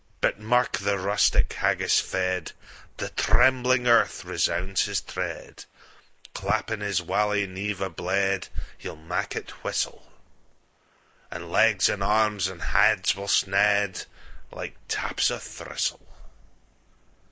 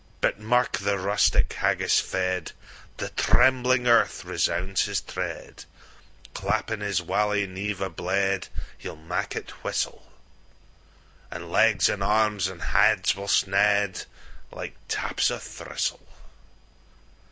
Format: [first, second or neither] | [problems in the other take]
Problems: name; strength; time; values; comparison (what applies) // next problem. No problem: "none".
second | noise reduction (neural mask model Resemble Enhance denoiser)